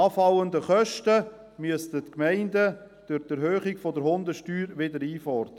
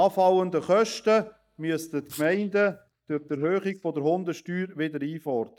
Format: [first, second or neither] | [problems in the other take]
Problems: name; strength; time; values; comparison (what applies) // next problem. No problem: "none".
first | noise reduction (neural mask model DeepFilterNet 3)